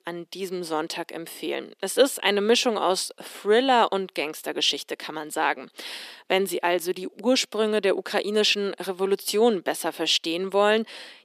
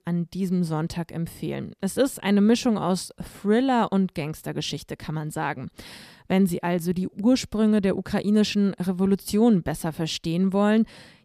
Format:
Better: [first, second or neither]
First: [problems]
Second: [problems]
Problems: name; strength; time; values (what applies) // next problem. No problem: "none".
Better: second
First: thin; somewhat; fading below 350 Hz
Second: none